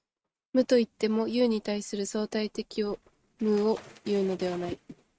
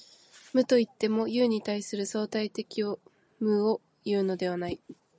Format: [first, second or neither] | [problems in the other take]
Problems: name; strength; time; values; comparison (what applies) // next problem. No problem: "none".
second | noise reduction (neural mask model RNNoise)